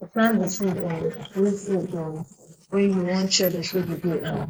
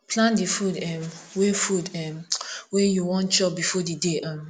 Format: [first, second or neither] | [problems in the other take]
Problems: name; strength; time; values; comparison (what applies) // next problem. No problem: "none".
second | noise reduction (neural mask model Resemble Enhance denoiser)